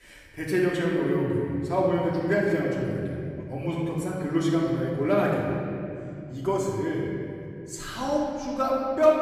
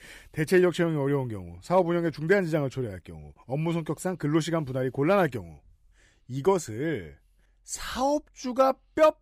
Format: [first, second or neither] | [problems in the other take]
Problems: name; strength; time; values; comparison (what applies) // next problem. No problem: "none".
second | off-mic speech; far // room echo; noticeable; dies away in 2.9 s